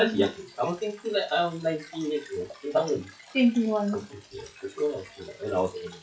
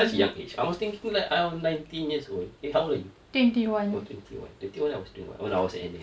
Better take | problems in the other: second | noise reduction (classical method log-MMSE)

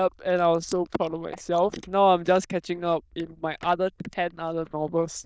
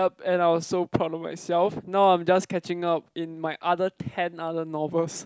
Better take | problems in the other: second | noise reduction (neural diffusion model UNIVERSE++)

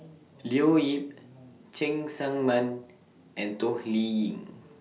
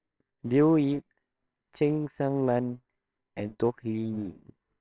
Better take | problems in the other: first | noise reduction (neural separator model SepFormer WHAMR!)

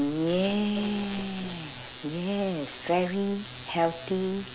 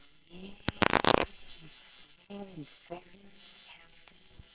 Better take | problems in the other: first | noise reduction (neural separator model SepFormer WHAMR!)

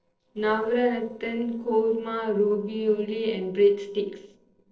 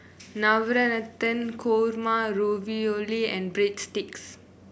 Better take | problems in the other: second | noise reduction (neural separator model SepFormer DNS4)

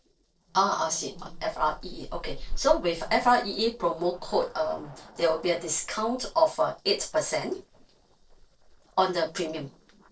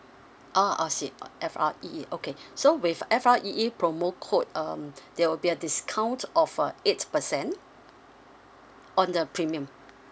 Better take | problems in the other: second | noise reduction (neural separator model SepFormer DNS4)

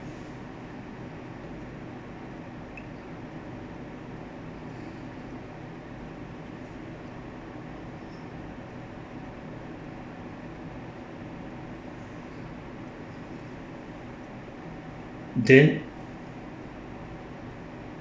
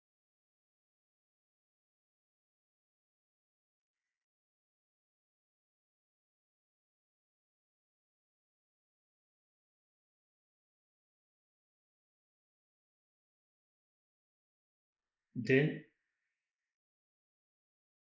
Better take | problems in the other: first | noise reduction (neural mask model Resemble Enhance denoiser)

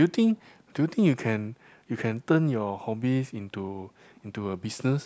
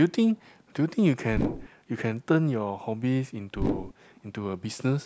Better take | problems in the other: first | background sound (Whoosh, swoosh, swish); 1 dB below the speech

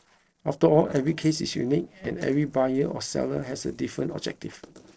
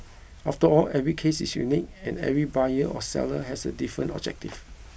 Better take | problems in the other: second | noise reduction (neural separator model SepFormer DNS4)

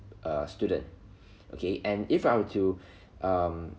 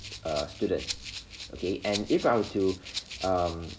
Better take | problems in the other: first | background sound (Rattle (instrument)); 11 dB below the speech

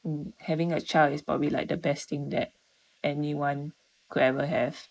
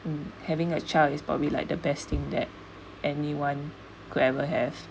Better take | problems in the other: second | noise reduction (neural mask model Resemble Enhance denoiser)

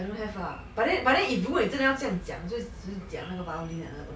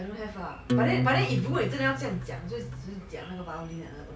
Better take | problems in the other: first | background sound (Acoustic guitar); 2 dB above the speech

